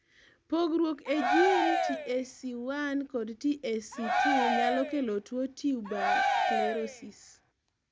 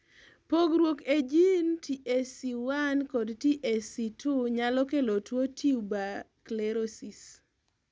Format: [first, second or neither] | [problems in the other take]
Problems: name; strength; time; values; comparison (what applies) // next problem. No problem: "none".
second | background sound (Cheering); 2 dB above the speech